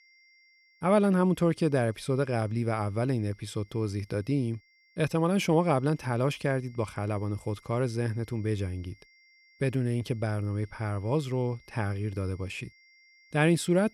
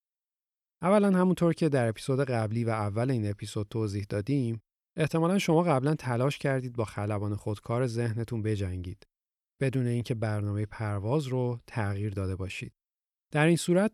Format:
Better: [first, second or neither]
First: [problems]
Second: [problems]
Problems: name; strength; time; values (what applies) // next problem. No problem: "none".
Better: second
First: high-pitched whine; faint; throughout; 2 kHz, 30 dB below the speech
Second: none